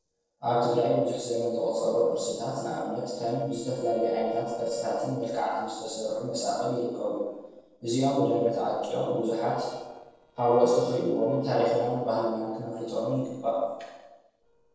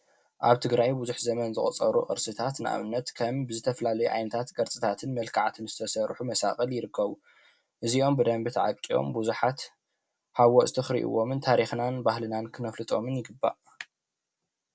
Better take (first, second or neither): second